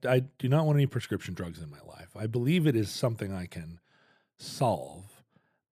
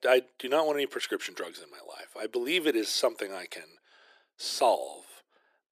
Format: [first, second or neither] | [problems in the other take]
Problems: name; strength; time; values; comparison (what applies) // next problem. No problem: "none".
first | thin; very; fading below 350 Hz